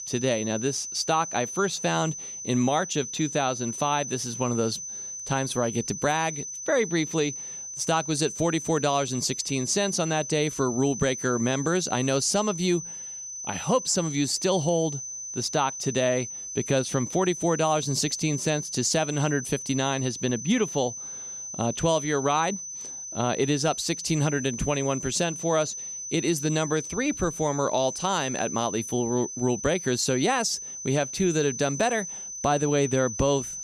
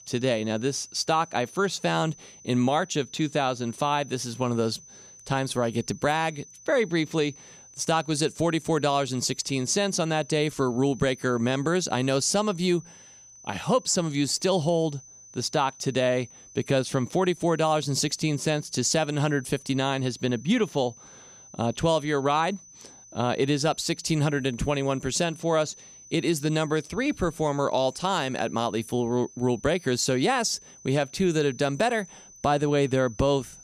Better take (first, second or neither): second